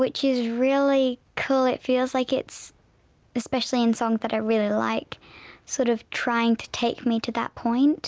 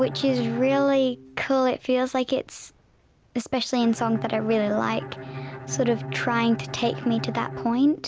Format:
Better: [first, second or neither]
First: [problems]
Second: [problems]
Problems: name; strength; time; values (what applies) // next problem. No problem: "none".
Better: first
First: none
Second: background sound (Bowed string instrument); 12 dB below the speech